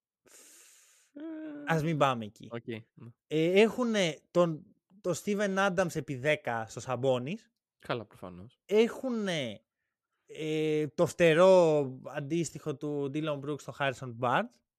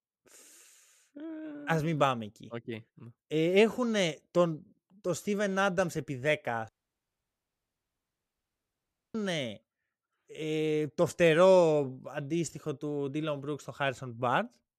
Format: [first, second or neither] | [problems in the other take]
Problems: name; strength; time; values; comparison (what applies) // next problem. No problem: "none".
first | audio cutting out; at 6.5 s for 2.5 s